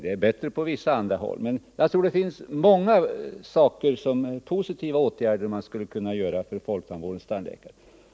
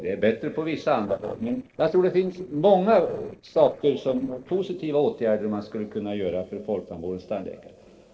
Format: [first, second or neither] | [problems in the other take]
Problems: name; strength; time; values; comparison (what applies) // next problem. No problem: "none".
first | noise reduction (neural separator model SepFormer DNS4)